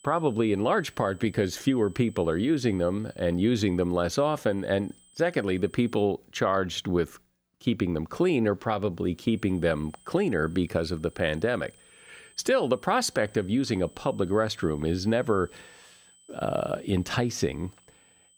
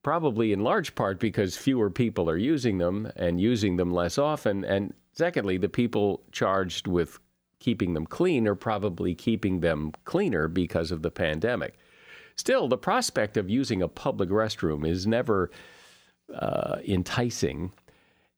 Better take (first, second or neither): second